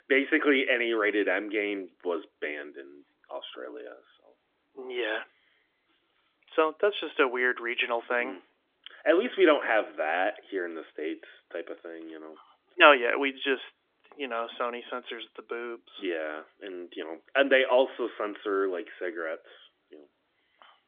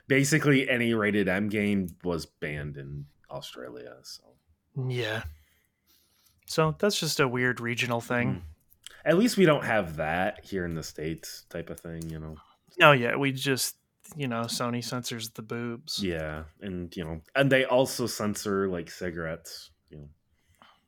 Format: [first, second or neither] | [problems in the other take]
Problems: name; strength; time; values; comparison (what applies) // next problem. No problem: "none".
second | phone-call audio; nothing above 3.5 kHz